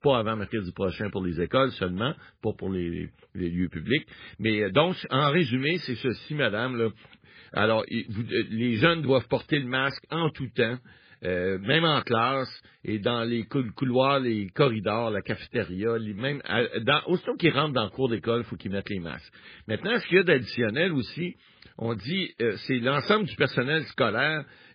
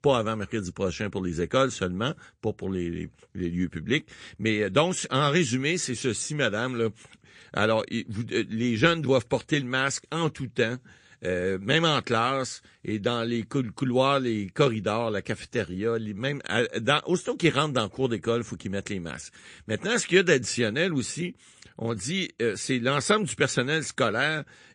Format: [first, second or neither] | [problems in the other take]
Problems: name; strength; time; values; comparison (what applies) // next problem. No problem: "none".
second | garbled, watery; badly; slightly in the second